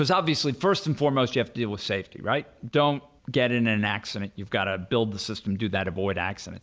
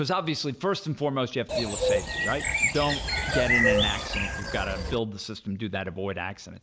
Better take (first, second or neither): first